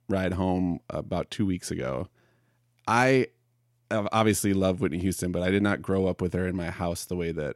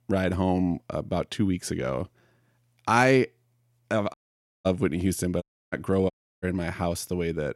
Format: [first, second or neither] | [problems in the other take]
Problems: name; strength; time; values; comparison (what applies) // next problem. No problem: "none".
first | audio cutting out; at 4 s for 0.5 s, at 5.5 s and at 6 s